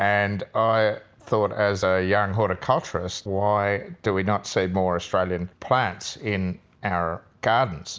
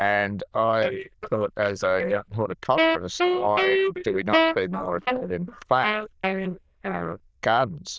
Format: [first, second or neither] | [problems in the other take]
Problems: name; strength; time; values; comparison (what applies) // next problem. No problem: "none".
first | noise reduction (neural diffusion model UNIVERSE++)